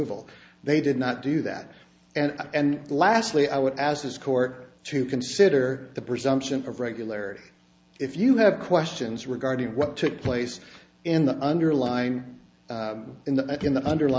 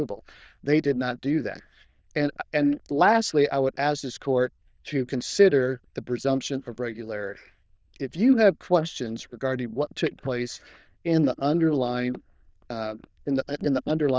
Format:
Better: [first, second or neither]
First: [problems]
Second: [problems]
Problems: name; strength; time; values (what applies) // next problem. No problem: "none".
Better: first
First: none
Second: noise reduction (neural diffusion model UNIVERSE++)